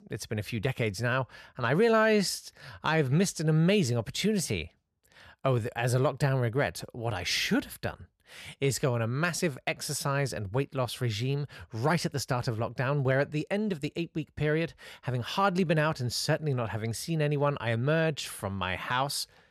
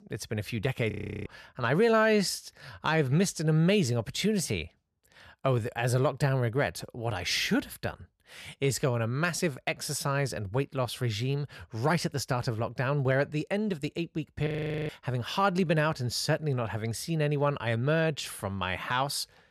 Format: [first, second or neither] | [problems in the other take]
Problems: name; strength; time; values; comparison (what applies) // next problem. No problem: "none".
first | audio freezing; at 1 s and at 14 s